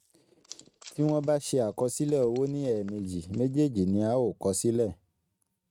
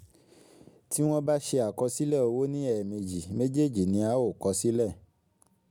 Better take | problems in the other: second | noise reduction (neural mask model RNNoise)

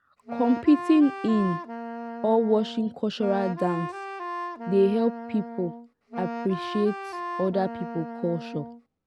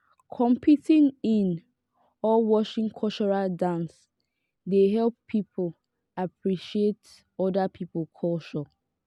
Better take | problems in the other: second | background sound (Wind instrument, woodwind instrument); 9 dB below the speech

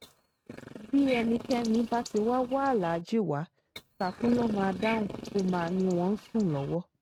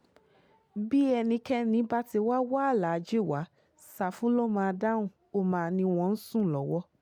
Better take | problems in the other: second | noise reduction (neural mask model RNNoise)

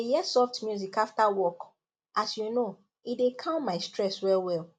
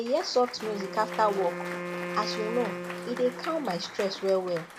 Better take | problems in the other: first | background sound (Wind instrument, woodwind instrument + Applause / Cheering); 7 dB below the speech

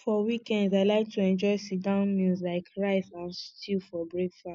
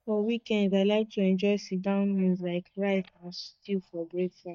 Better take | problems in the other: first | noise reduction (neural mask model DeepFilterNet 3)

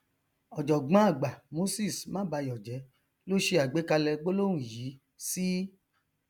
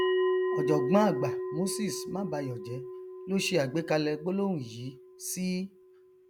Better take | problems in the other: first | background sound (Bell); 3 dB below the speech

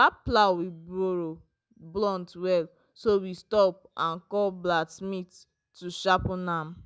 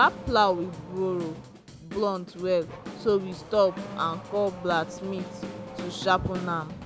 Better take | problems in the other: first | background sound (Drum / Drum kit + Accelerating, revving, vroom / Car); 12 dB below the speech

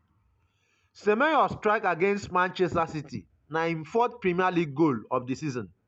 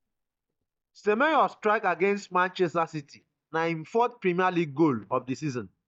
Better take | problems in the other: first | noise reduction (neural mask model DeepFilterNet 3)

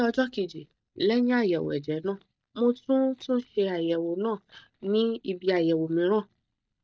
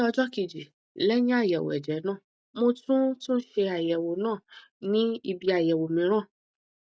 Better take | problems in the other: second | noise reduction (neural mask model DeepFilterNet 3)

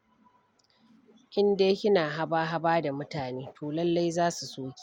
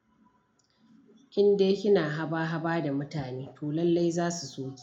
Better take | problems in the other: first | room echo; dies away in 0.3 s

